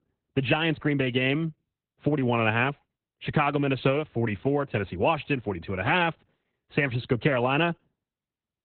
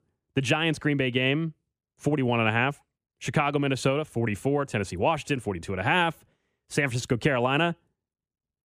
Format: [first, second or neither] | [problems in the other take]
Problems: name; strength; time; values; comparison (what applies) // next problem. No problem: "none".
second | garbled, watery; badly